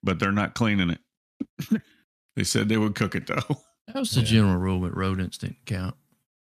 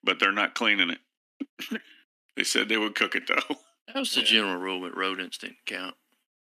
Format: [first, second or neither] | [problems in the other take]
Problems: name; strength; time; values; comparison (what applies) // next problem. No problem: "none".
first | thin; somewhat; fading below 250 Hz